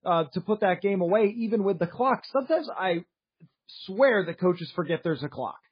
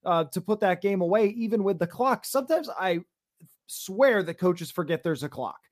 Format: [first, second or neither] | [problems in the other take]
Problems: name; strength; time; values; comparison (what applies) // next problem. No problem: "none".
second | garbled, watery; badly; nothing above 4 kHz